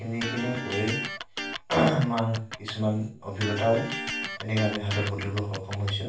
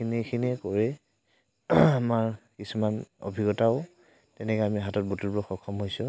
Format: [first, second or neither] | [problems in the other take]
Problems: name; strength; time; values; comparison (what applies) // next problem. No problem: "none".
second | background sound (Electric guitar); 7 dB below the speech // room echo; dies away in 0.3 s